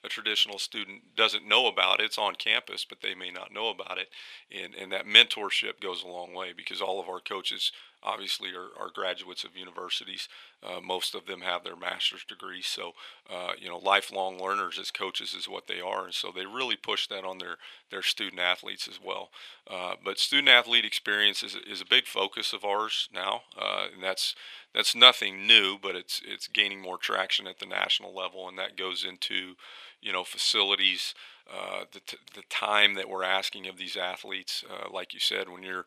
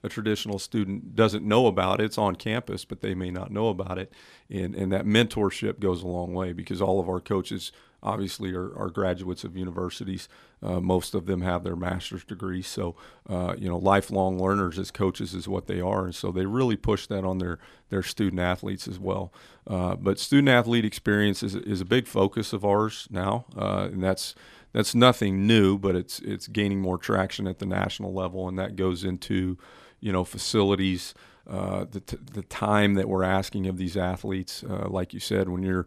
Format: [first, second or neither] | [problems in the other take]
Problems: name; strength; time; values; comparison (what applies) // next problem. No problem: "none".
second | thin; very; fading below 650 Hz